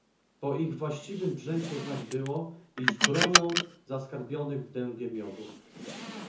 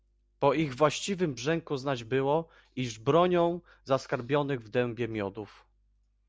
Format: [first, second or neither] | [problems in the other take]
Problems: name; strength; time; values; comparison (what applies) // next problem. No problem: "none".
second | background sound (Car); as loud as the speech // room echo; dies away in 0.6 s